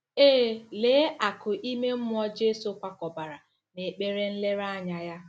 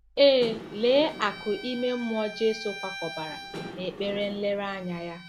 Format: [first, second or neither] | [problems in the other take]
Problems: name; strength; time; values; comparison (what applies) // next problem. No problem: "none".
first | background sound (Bowed string instrument + Engine / Mechanisms); 13 dB below the speech